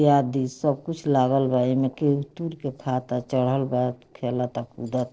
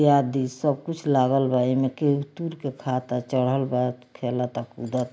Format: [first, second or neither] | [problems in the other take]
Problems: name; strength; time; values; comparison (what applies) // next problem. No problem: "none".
second | noise reduction (neural separator model SepFormer DNS4)